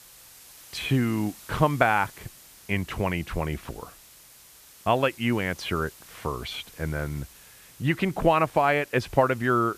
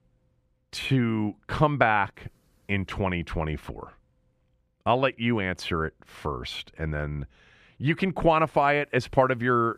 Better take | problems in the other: second | hiss; faint; throughout; 20 dB below the speech

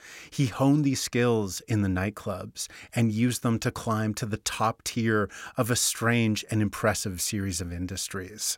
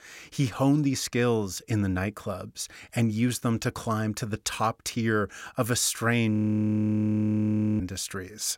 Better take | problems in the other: first | audio freezing; at 6.5 s for 1.5 s

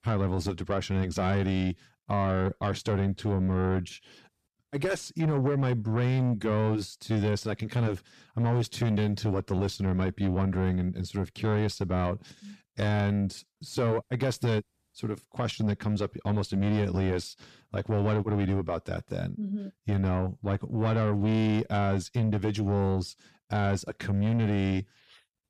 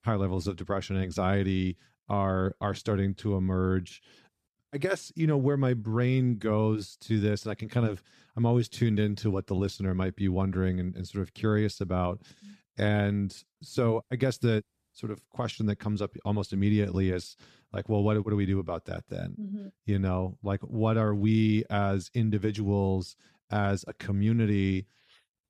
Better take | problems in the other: second | distortion; slight; 10 dB below the speech

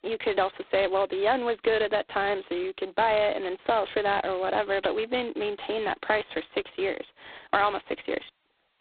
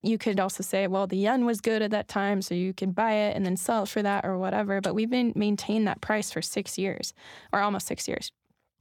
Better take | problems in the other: second | phone-call audio; poor line; nothing above 4 kHz

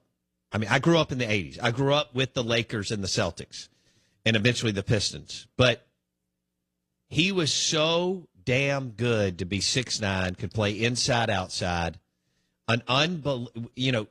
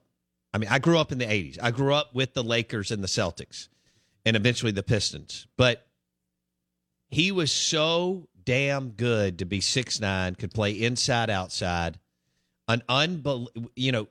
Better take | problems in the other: second | garbled, watery; slightly; nothing above 14.5 kHz

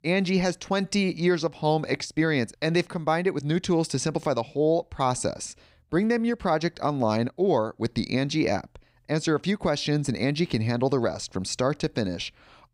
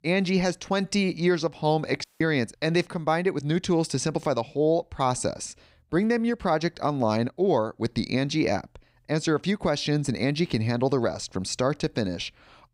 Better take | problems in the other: first | audio cutting out; at 2 s

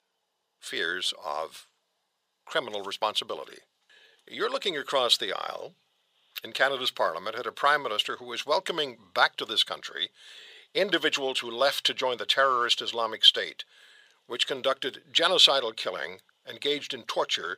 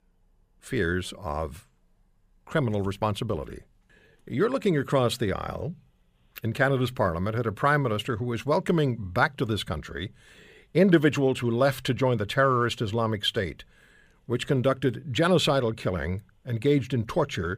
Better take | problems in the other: second | thin; very; fading below 650 Hz

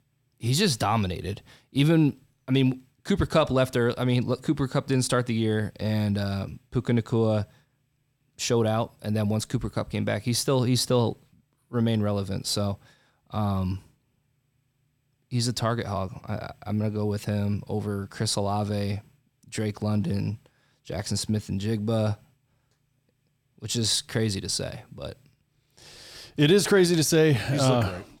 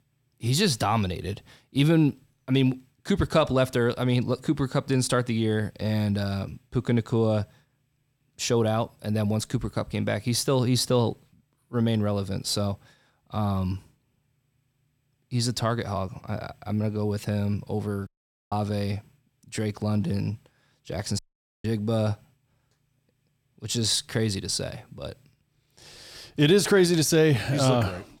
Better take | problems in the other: first | audio cutting out; at 18 s and at 21 s

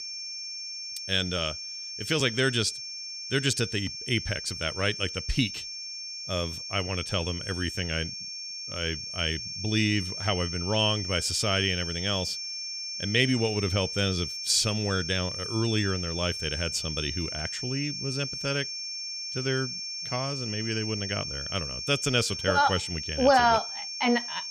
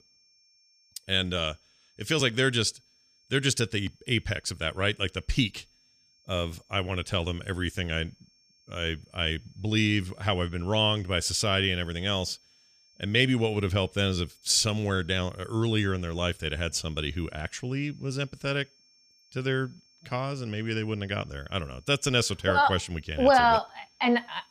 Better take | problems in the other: second | high-pitched whine; loud; throughout; 5.5 kHz, 5 dB below the speech; faint in the second

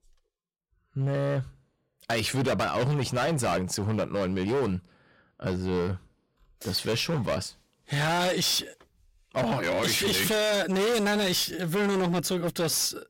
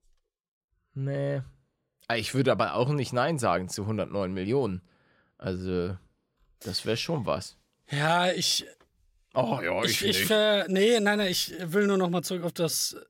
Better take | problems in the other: second | distortion; heavy; 19% of the sound clipped

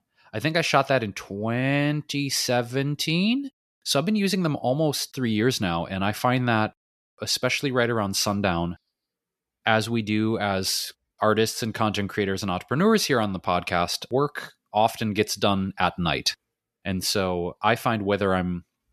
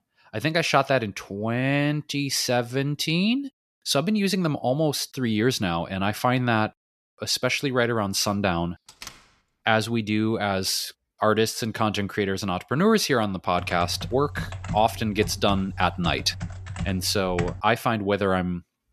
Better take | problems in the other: first | door banging; faint; at 9 s; peak 15 dB below the speech // keyboard typing; noticeable; from 14 to 18 s; peak 8 dB below the speech

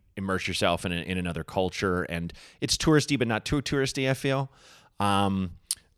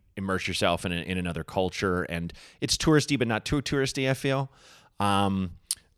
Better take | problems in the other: neither | none

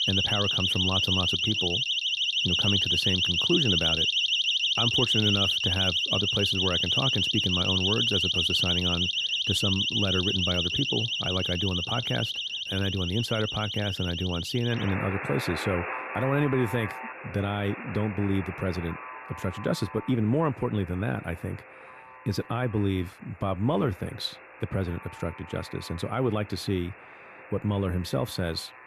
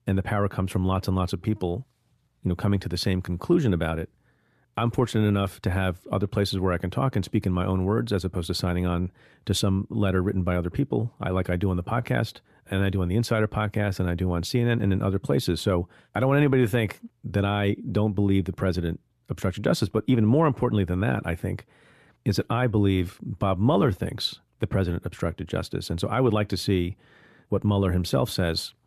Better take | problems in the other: second | alarms or sirens; very loud; throughout; 5 dB above the speech

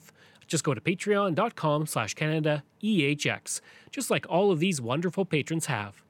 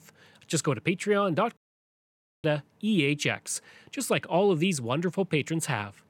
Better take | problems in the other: first | audio cutting out; at 1.5 s for 1 s

